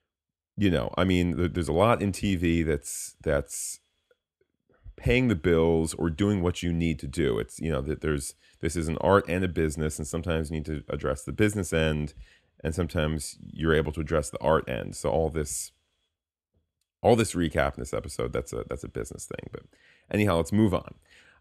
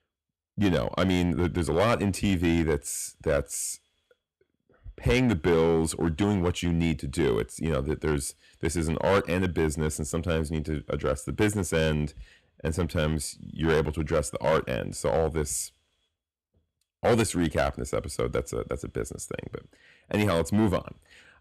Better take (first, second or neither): first